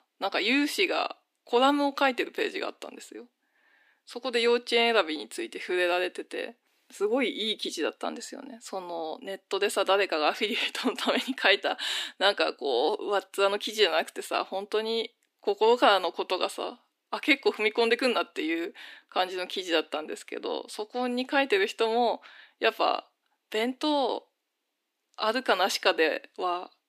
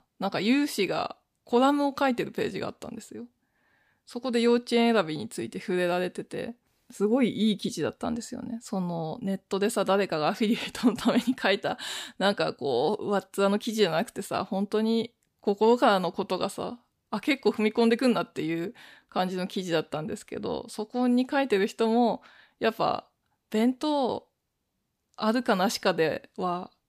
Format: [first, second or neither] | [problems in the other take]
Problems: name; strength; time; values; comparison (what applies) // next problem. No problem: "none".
second | thin; somewhat; fading below 300 Hz